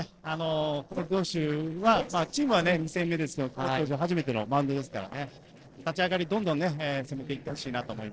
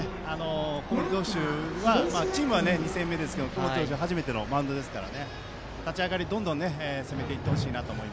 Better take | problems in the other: second | noise reduction (neural separator model SepFormer DNS4)

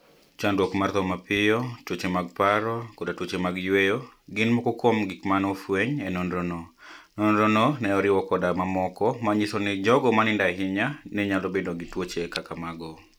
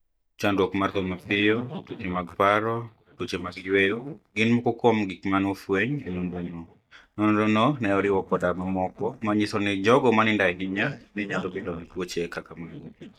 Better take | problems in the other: first | noise reduction (neural mask model DeepFilterNet 3)

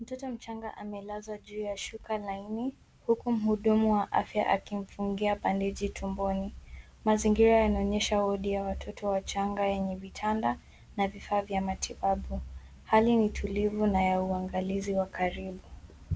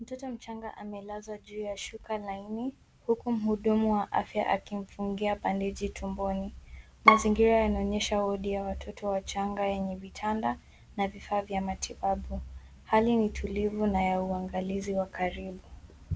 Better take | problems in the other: first | background sound (Bowed string instrument); 2 dB above the speech

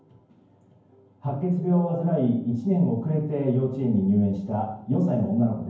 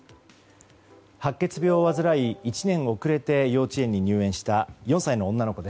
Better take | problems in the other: second | room echo; dies away in 0.9 s

